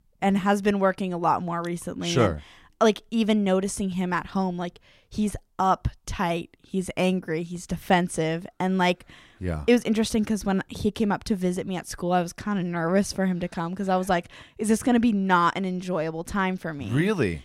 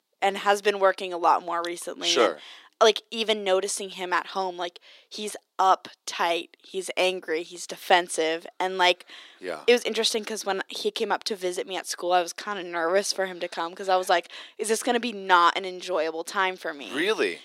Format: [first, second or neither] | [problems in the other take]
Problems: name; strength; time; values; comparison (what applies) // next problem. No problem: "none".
first | thin; very; fading below 350 Hz